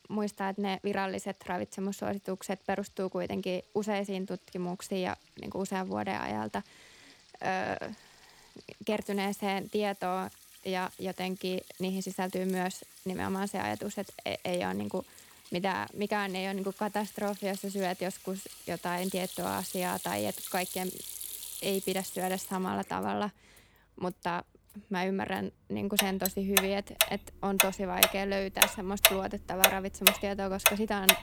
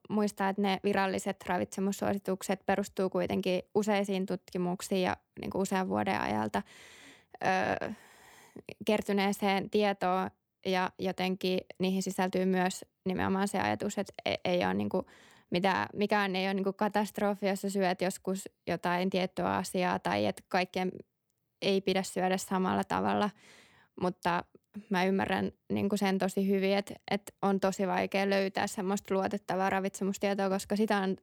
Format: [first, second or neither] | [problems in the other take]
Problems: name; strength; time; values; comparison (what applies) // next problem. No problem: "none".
second | household noises; very loud; throughout; 5 dB above the speech